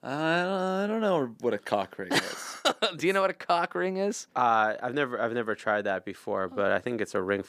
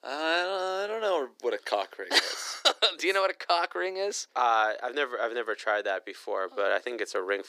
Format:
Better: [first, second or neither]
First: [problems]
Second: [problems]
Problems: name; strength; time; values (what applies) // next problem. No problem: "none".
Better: first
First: none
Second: thin; very; fading below 350 Hz